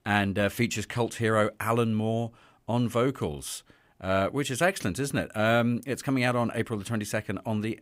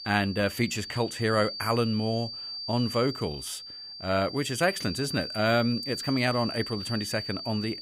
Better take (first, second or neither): first